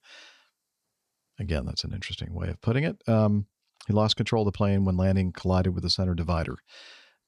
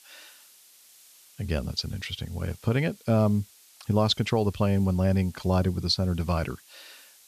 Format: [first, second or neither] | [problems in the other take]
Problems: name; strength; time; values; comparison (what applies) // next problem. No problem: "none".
first | hiss; faint; throughout; 25 dB below the speech